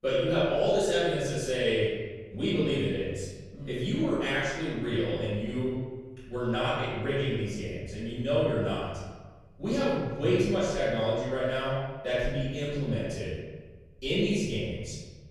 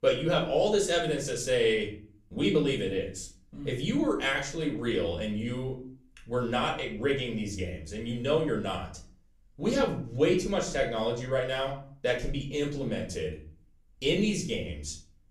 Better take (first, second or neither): second